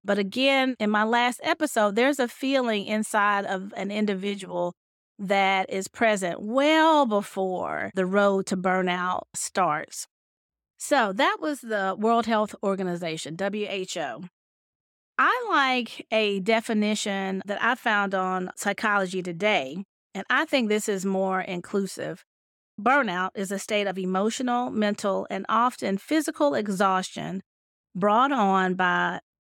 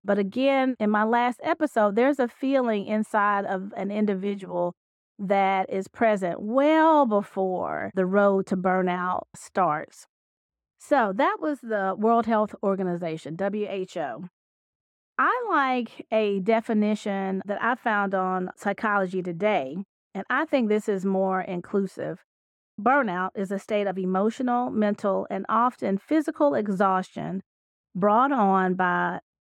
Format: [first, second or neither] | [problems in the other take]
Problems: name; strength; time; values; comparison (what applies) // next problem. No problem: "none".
first | muffled; slightly; fading above 2 kHz